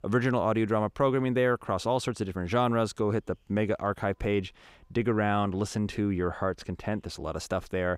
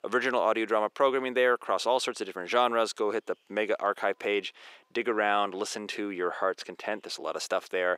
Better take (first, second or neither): first